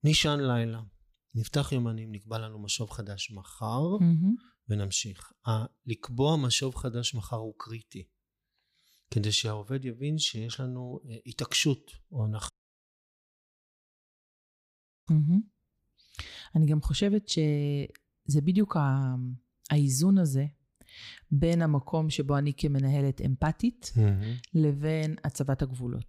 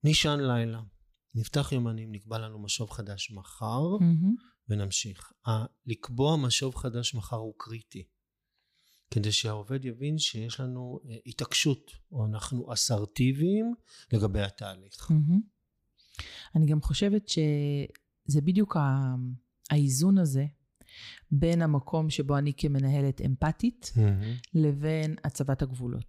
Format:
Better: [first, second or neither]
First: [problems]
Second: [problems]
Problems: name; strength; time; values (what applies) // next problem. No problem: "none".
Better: second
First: audio cutting out; at 13 s for 2.5 s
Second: none